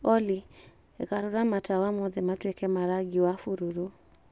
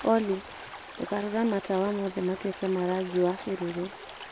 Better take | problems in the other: first | background sound (Stream); 14 dB below the speech

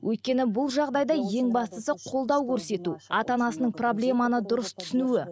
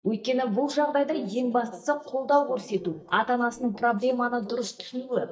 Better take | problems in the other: first | noise reduction (neural mask model DeepFilterNet 3)

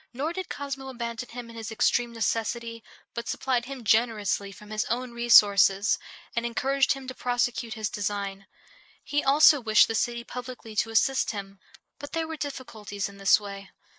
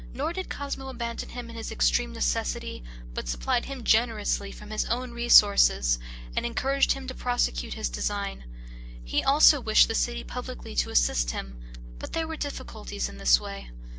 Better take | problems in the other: second | noise reduction (neural mask model Resemble Enhance denoiser)

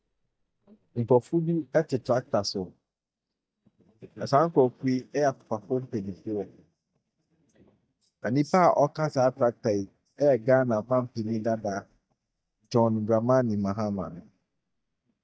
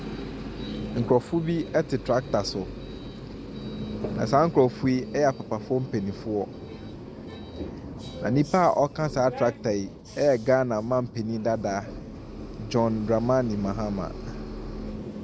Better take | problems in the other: second | noise reduction (neural mask model DeepFilterNet 3)

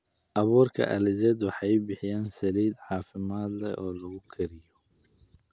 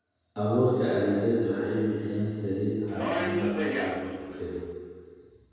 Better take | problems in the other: first | background sound (Subway, metro, underground); 3 dB below the speech // room echo; dies away in 1.9 s

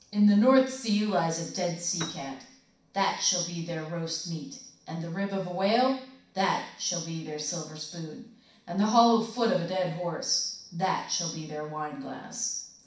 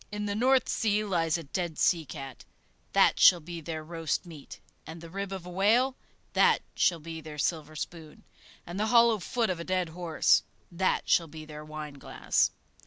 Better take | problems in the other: second | background sound (Piano); 16 dB below the speech // room echo; dies away in 0.6 s

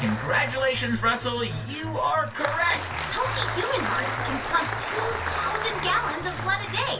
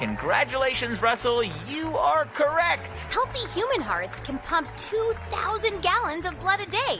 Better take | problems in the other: second | background sound (Applause); 6 dB below the speech // room echo; dies away in 0.2 s

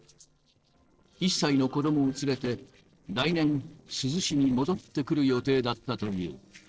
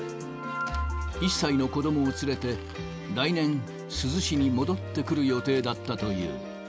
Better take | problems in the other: second | noise reduction (neural separator model SepFormer DNS4)

